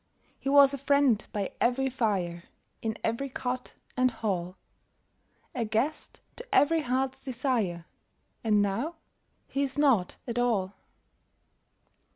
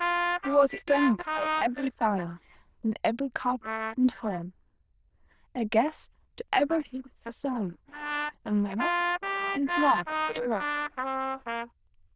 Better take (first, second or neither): first